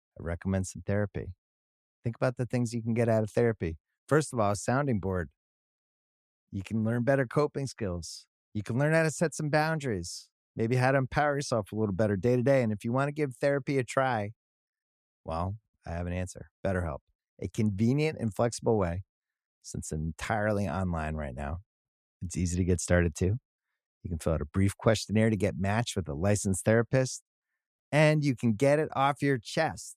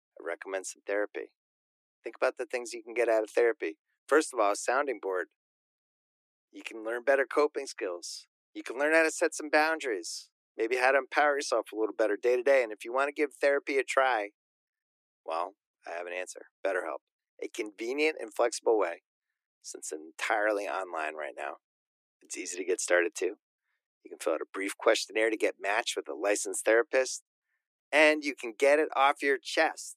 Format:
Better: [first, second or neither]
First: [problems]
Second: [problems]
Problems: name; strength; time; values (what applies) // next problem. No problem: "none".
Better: first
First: none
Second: thin; very; fading below 300 Hz